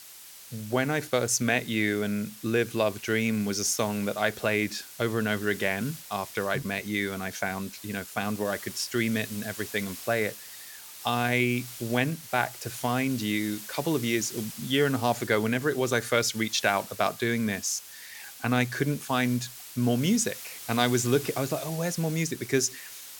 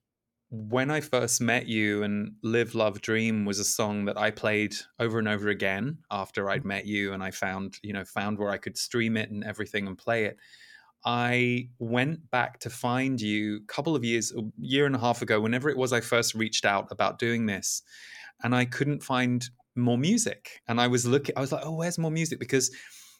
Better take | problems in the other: second | hiss; noticeable; throughout; 15 dB below the speech

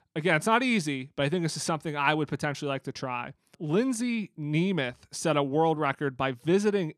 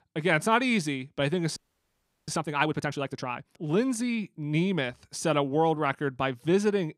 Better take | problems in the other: first | audio freezing; at 1.5 s for 0.5 s

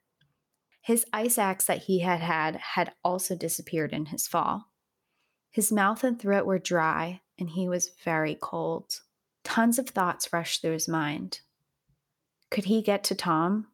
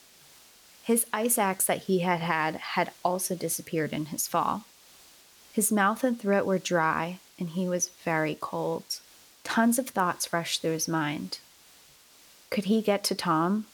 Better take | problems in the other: first | hiss; faint; throughout; 25 dB below the speech

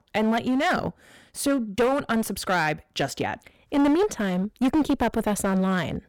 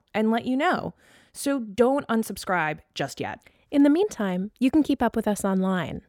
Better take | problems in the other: second | distortion; heavy; 13% of the sound clipped

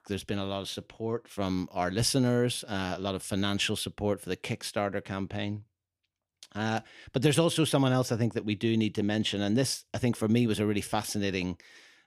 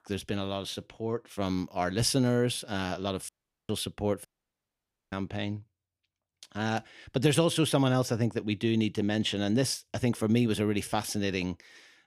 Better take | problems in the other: first | audio cutting out; at 3.5 s and at 4.5 s for 1 s

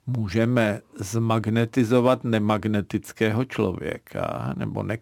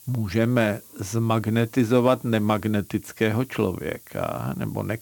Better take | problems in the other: first | hiss; faint; throughout; 20 dB below the speech

